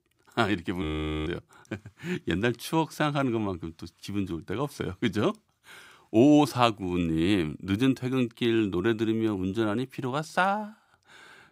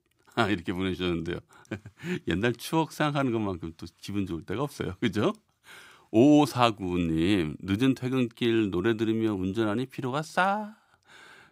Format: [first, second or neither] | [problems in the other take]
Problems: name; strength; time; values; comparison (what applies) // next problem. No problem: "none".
second | audio freezing; at 1 s